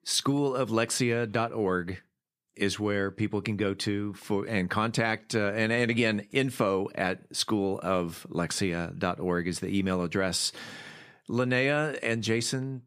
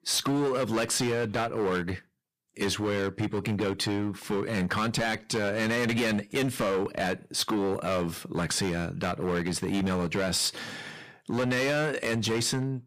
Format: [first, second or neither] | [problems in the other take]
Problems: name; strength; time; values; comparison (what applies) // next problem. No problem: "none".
first | distortion; heavy; 16% of the sound clipped